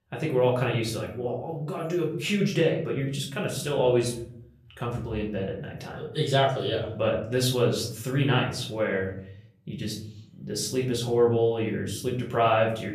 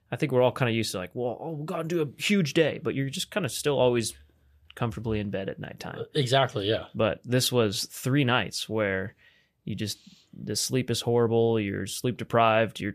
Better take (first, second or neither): second